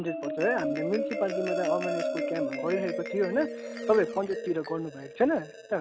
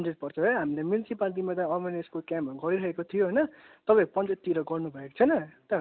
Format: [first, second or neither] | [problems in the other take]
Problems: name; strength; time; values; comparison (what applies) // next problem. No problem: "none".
second | background sound (Marimba, xylophone); 4 dB below the speech